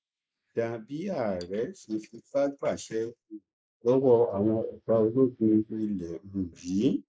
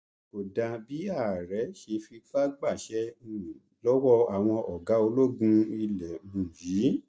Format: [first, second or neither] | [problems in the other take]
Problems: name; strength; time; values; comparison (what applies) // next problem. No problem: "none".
second | noise reduction (neural mask model Resemble Enhance denoiser)